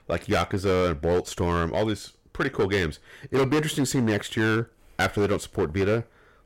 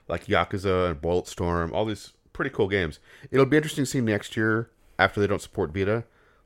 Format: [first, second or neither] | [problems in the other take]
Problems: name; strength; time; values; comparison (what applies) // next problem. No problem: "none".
second | distortion; heavy; 10% of the sound clipped